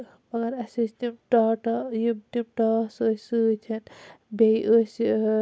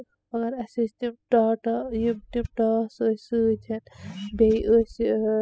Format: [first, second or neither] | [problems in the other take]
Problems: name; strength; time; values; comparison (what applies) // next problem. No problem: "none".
first | noise reduction (classical method spectral subtraction)